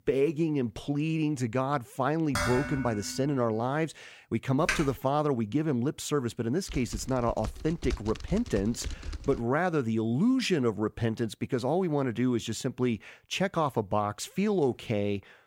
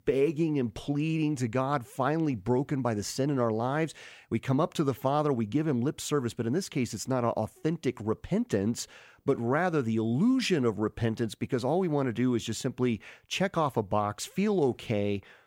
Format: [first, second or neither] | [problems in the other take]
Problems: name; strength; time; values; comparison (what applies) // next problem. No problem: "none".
second | clattering dishes; noticeable; at 2.5 s; peak 1 dB below the speech // keyboard typing; noticeable; at 4.5 s and from 6.5 to 9.5 s; peak 2 dB below the speech